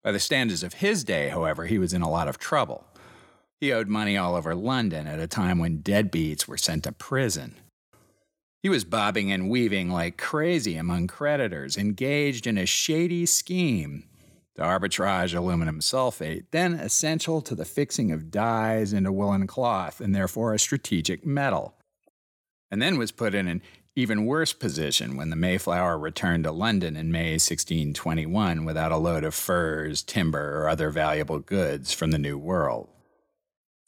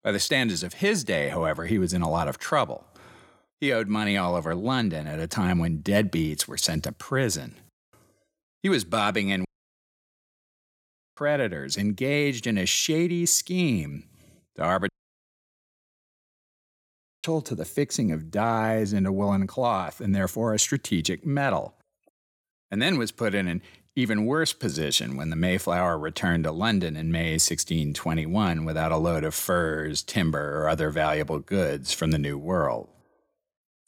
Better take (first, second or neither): first